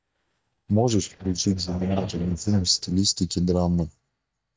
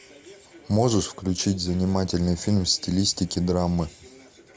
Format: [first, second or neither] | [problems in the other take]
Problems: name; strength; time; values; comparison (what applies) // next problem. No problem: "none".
second | noise reduction (neural mask model DeepFilterNet 3)